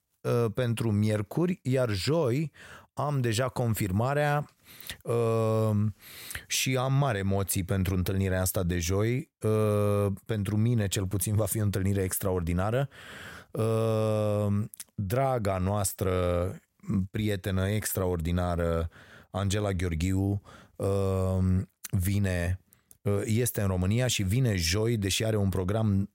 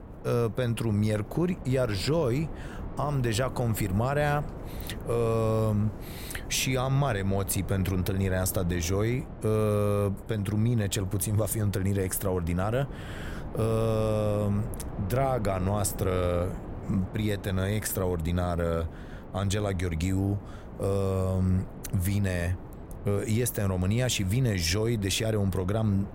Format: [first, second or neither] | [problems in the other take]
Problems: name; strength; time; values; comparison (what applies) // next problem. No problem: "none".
first | wind noise on the microphone; occasional gusts; 15 dB below the speech